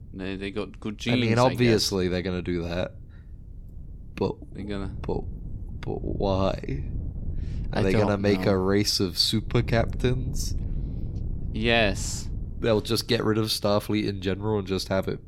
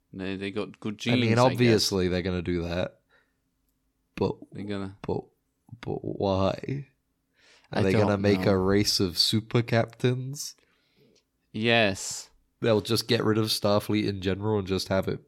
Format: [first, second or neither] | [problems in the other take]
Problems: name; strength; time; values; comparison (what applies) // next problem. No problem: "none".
second | wind noise on the microphone; occasional gusts; 25 dB below the speech